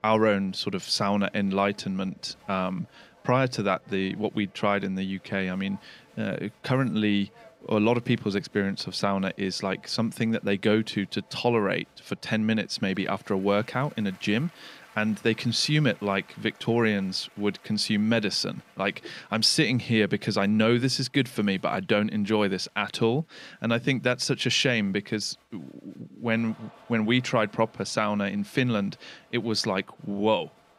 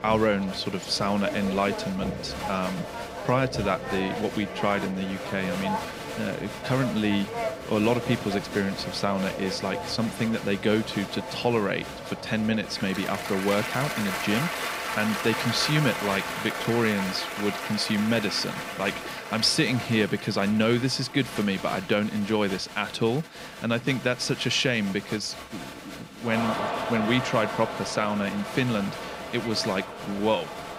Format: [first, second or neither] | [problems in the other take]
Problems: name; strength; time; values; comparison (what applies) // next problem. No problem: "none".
first | crowd noise; loud; throughout; 6 dB below the speech; faint in the first